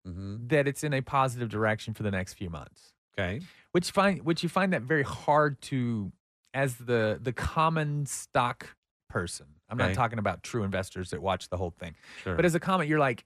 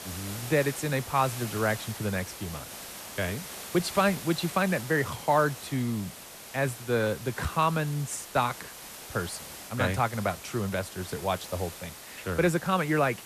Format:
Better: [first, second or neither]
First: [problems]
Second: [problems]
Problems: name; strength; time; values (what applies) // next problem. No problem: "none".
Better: first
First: none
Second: hiss; noticeable; throughout; 10 dB below the speech